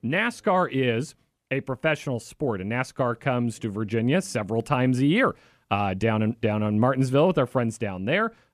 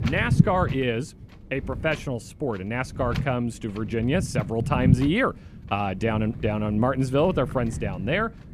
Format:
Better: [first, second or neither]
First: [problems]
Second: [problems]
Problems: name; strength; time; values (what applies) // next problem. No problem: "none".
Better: first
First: none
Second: wind noise on the microphone; occasional gusts; 10 dB below the speech